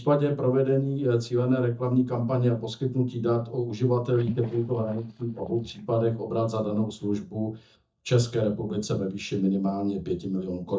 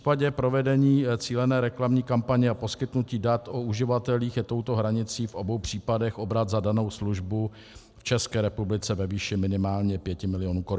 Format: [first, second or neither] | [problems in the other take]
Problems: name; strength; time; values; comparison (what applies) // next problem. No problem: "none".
second | noise reduction (neural mask model DeepFilterNet 3)